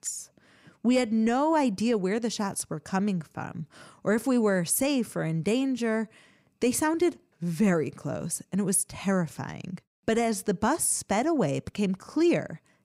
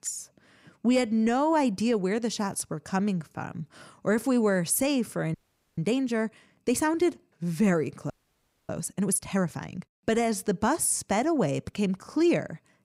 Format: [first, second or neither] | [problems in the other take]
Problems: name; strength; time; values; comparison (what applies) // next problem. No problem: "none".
first | audio freezing; at 5.5 s and at 8 s for 0.5 s